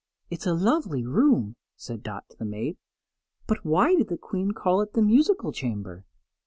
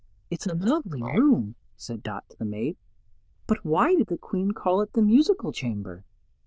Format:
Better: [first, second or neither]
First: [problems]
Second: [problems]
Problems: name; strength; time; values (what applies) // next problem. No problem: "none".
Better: first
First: none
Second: noise reduction (neural diffusion model UNIVERSE++)